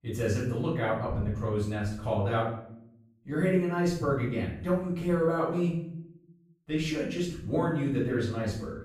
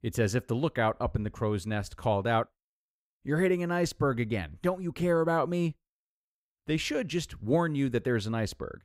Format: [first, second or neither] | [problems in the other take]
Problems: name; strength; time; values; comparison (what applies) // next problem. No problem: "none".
second | off-mic speech; far // room echo; noticeable; dies away in 0.7 s